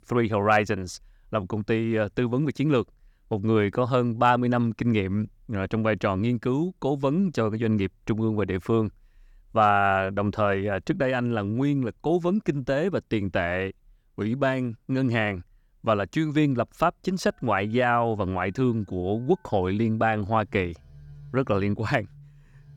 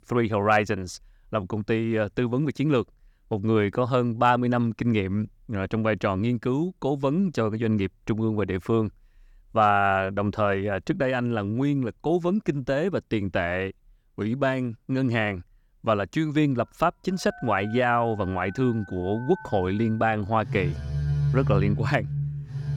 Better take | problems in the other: first | alarms or sirens; loud; from 17 s on; 6 dB below the speech; faint in the first

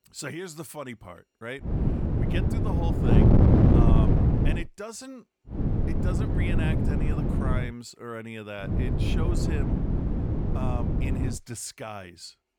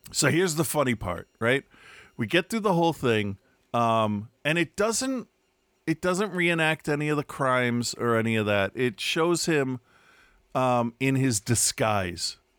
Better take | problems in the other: second | wind noise on the microphone; heavy; from 1.5 to 4.5 s, from 5.5 to 7.5 s and from 8.5 to 11 s; 5 dB above the speech

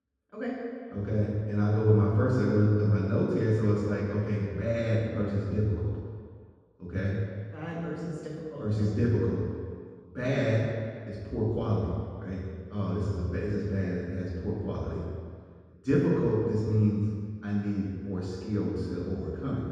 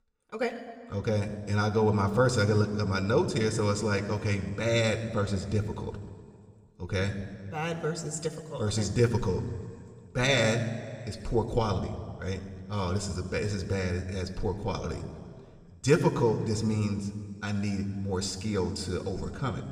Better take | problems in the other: second | room echo; strong; dies away in 1.8 s; slight in the second // off-mic speech; far

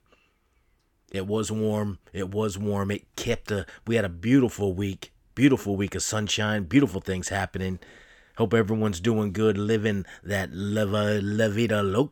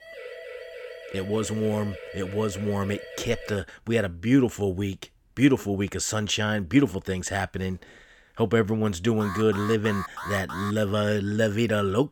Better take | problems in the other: first | siren; faint; until 3.5 s; peak 15 dB below the speech // alarm; noticeable; from 9 to 11 s; peak 8 dB below the speech

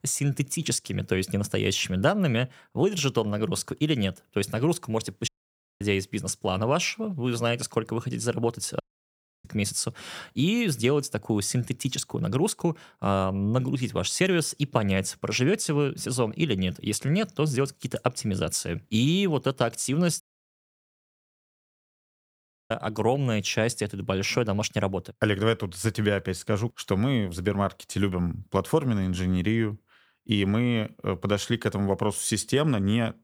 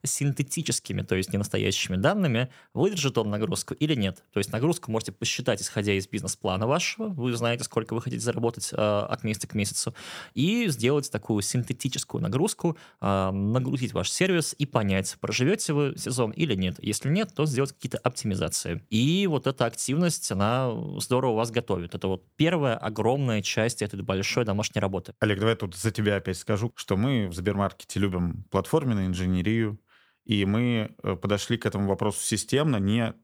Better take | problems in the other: second | audio cutting out; at 5.5 s for 0.5 s, at 9 s for 0.5 s and at 20 s for 2.5 s

